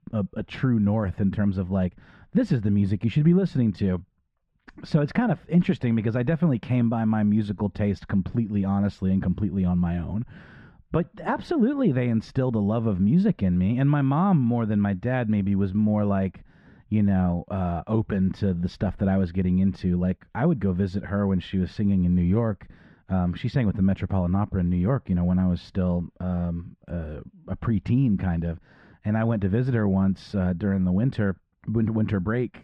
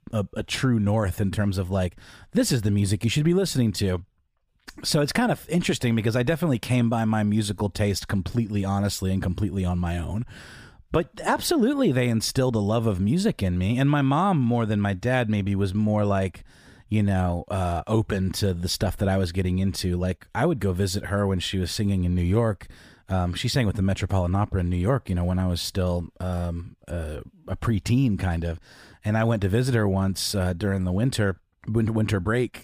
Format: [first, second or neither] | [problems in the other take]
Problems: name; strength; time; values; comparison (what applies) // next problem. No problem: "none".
second | muffled; very; fading above 2 kHz